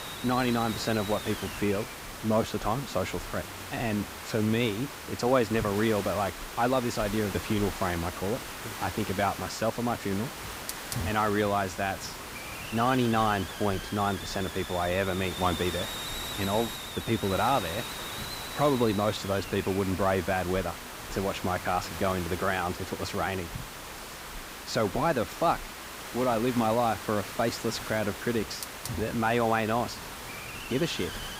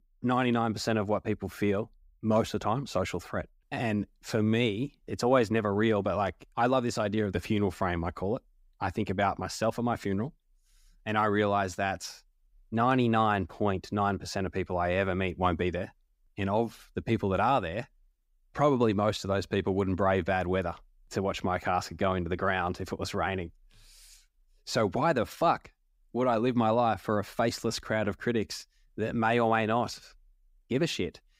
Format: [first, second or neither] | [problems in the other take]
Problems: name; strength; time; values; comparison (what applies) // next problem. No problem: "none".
second | hiss; loud; throughout; 8 dB below the speech